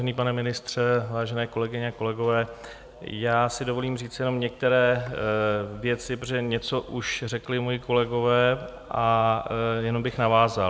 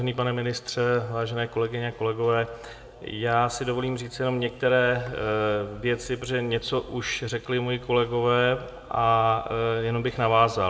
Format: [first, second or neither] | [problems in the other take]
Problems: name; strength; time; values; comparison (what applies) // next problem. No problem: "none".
first | room echo; dies away in 1.5 s